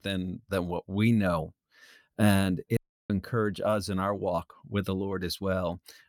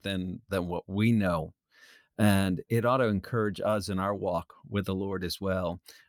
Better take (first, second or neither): second